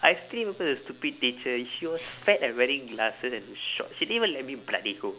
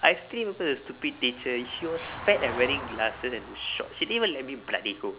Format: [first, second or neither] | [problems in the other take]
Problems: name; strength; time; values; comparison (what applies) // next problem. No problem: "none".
first | background sound (Vehicle); 13 dB below the speech